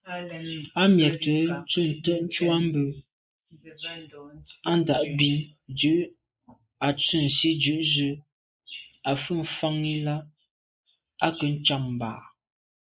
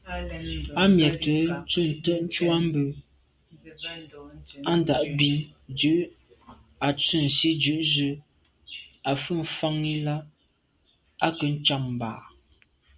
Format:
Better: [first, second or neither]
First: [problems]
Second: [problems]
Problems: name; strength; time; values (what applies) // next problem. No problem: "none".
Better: second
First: noise reduction (neural mask model Resemble Enhance denoiser)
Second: none